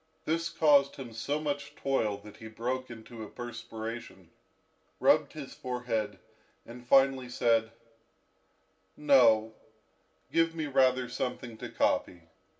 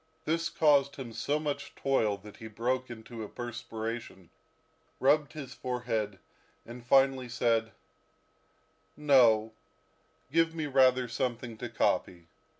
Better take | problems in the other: second | room echo; dies away in 0.3 s

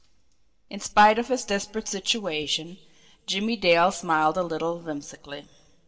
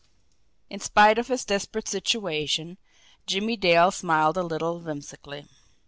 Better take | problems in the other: second | room echo; dies away in 0.2 s

